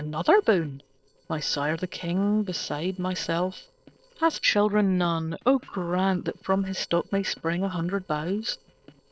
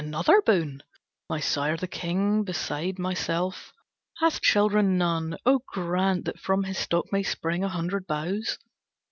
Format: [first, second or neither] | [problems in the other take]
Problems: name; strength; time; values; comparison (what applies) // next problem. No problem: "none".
second | noise reduction (neural separator model SepFormer DNS4)